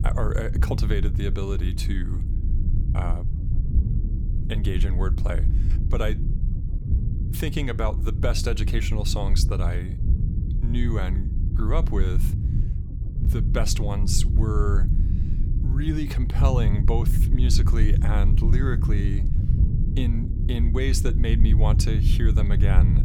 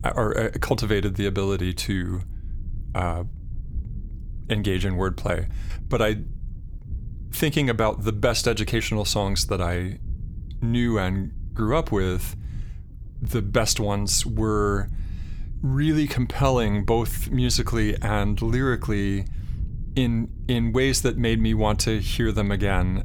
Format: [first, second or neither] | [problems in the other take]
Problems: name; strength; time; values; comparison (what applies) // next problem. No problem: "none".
second | low rumble; loud; throughout; 7 dB below the speech; faint in the second